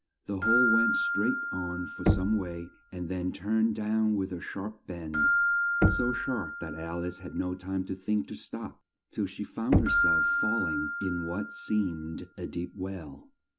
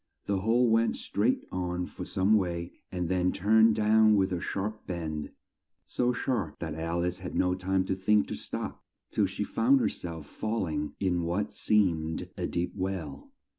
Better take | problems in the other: second | background sound (Knock + Keyboard (musical)); 1 dB above the speech

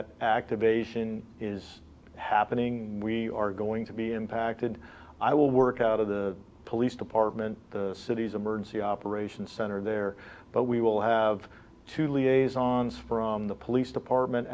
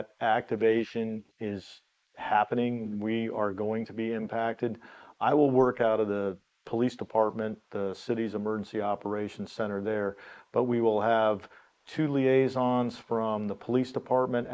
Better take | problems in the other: first | noise reduction (neural mask model Resemble Enhance denoiser)

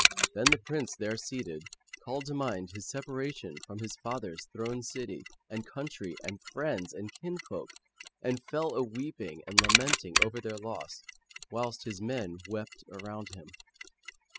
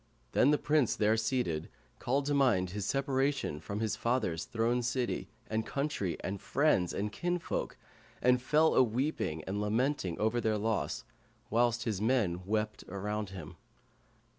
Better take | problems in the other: second | noise reduction (classical method spectral subtraction)

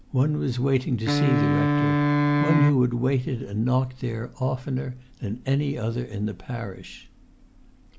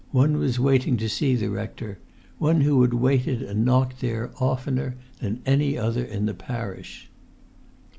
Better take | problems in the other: second | background sound (Wind instrument, woodwind instrument); 2 dB above the speech

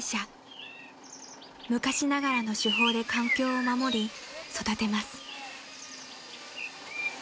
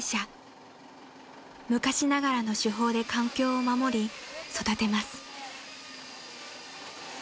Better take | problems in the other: second | background sound (Bird); 5 dB below the speech

